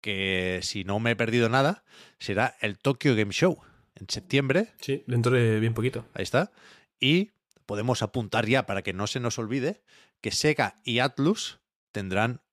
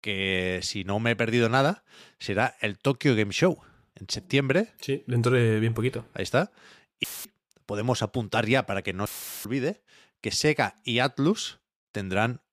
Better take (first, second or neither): first